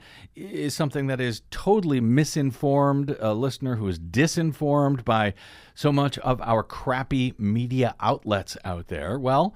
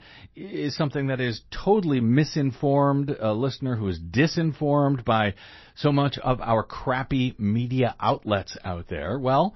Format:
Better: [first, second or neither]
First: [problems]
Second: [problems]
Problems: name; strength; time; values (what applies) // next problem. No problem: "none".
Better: first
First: none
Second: garbled, watery; slightly; nothing above 6 kHz